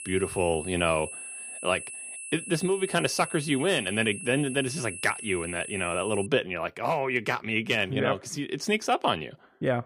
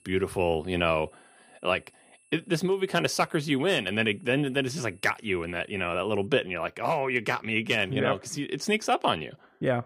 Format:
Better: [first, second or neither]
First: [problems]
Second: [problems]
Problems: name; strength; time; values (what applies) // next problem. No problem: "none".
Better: second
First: high-pitched whine; loud; until 6.5 s; 10 kHz, 9 dB below the speech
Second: high-pitched whine; faint; until 6.5 s; 10 kHz, 30 dB below the speech